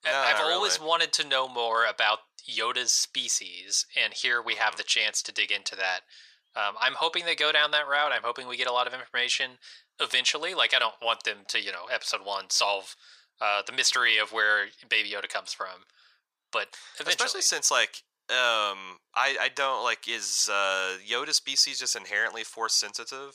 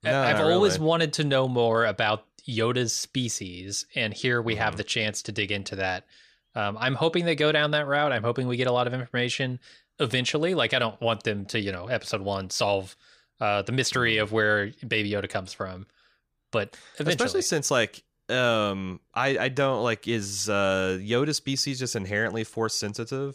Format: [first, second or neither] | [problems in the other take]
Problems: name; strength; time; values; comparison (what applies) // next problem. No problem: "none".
second | thin; very; fading below 850 Hz